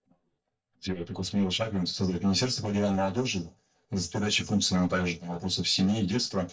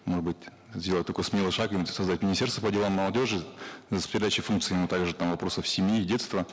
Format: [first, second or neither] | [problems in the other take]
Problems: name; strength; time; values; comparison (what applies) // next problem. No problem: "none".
second | noise reduction (neural mask model DeepFilterNet 3)